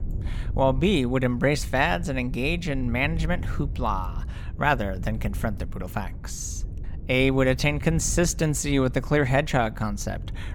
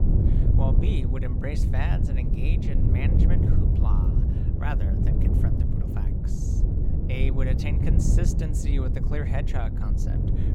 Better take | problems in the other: first | wind noise on the microphone; heavy; as loud as the speech; occasional gusts in the first

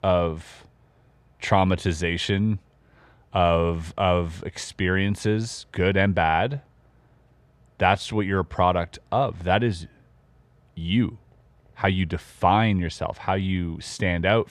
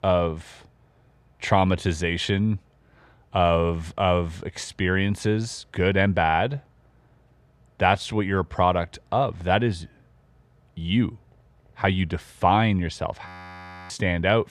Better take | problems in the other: first | audio freezing; at 13 s for 0.5 s

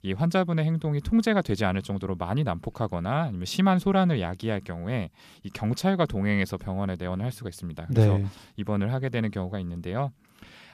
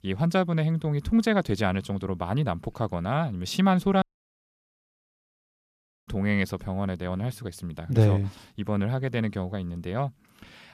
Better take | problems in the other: first | audio cutting out; at 4 s for 2 s

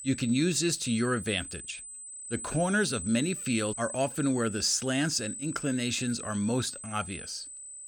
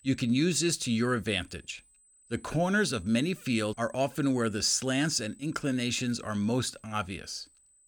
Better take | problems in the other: second | high-pitched whine; loud; throughout; 8 kHz, 9 dB below the speech; faint in the second

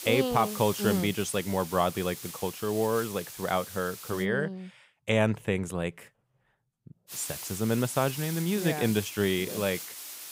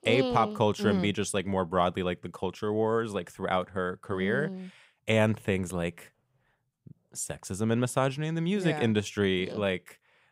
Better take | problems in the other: second | hiss; loud; until 4 s and from 7 s on; 10 dB below the speech

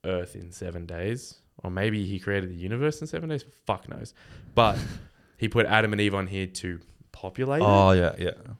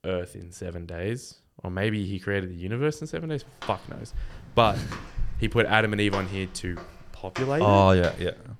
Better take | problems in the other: first | footsteps; faint; from 3.5 to 8 s; peak 10 dB below the speech

